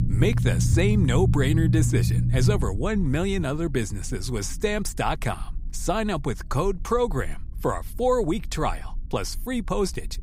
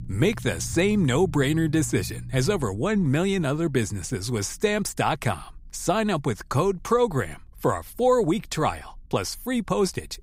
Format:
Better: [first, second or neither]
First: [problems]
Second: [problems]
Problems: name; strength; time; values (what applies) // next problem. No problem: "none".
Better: second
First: low rumble; loud; throughout; 9 dB below the speech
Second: low rumble; faint; throughout; 25 dB below the speech